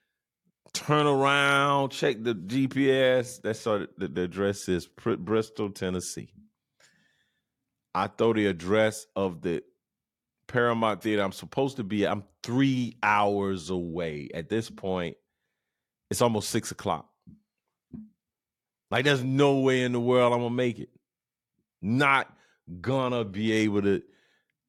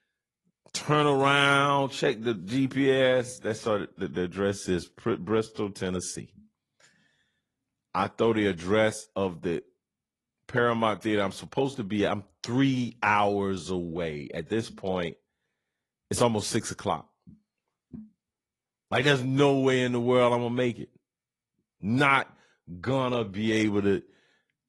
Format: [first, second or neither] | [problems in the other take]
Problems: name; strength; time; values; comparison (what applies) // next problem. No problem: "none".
first | garbled, watery; slightly; nothing above 11 kHz